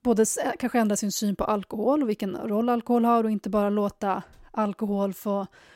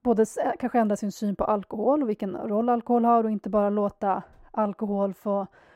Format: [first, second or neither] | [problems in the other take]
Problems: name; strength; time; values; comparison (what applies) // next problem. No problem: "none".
first | muffled; very; fading above 2.5 kHz